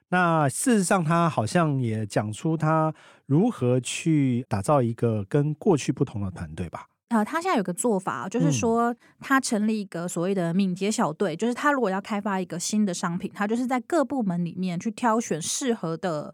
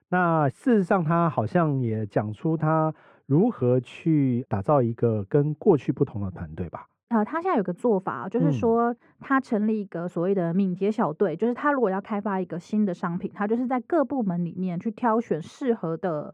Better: first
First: none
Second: muffled; very; fading above 3.5 kHz

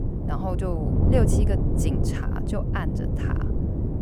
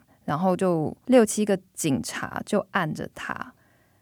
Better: second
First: wind noise on the microphone; heavy; 1 dB below the speech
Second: none

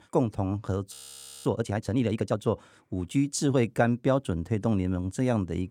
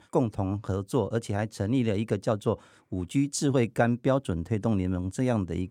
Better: second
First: audio freezing; at 1 s for 0.5 s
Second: none

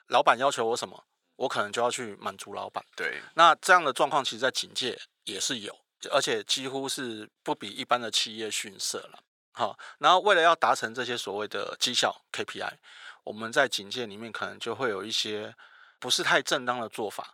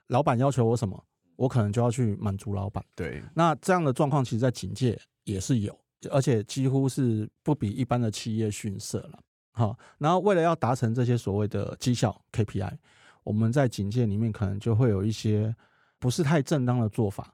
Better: second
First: thin; very; fading below 650 Hz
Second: none

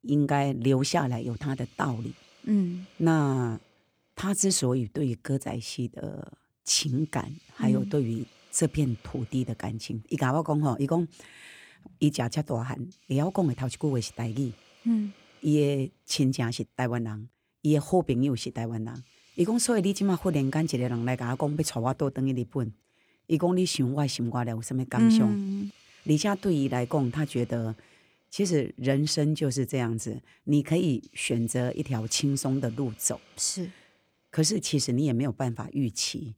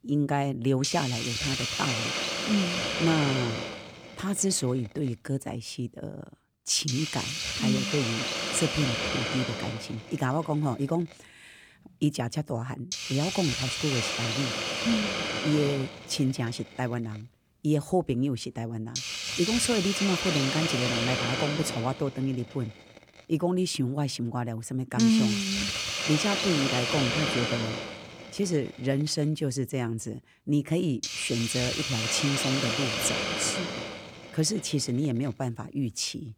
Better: first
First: hiss; faint; throughout; 30 dB below the speech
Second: hiss; loud; throughout; as loud as the speech

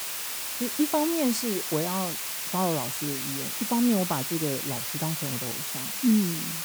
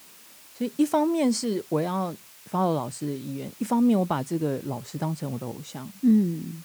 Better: second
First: hiss; loud; throughout; as loud as the speech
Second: hiss; faint; throughout; 20 dB below the speech

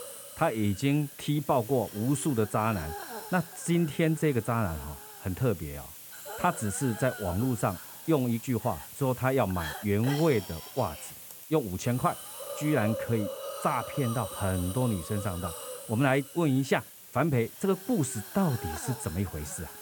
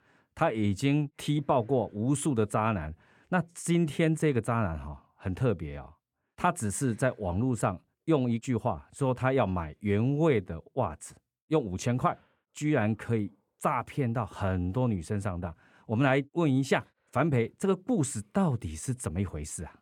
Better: second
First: hiss; noticeable; throughout; 10 dB below the speech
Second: none

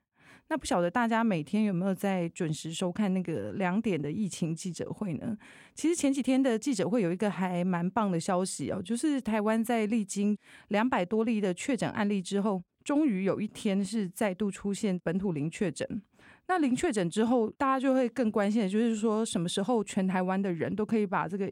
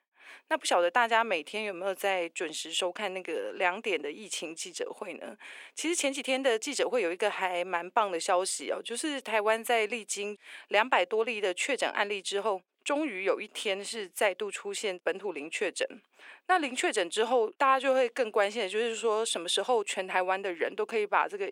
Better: first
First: none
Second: thin; very; fading below 400 Hz

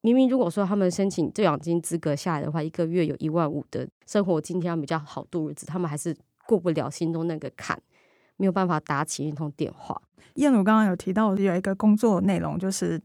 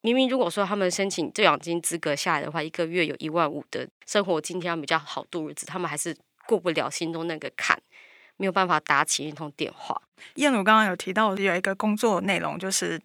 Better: first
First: none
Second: thin; somewhat; fading below 800 Hz

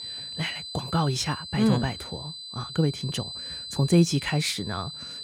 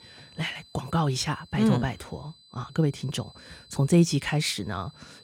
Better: second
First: high-pitched whine; loud; throughout; 4 kHz, 9 dB below the speech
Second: high-pitched whine; faint; throughout; 4 kHz, 25 dB below the speech

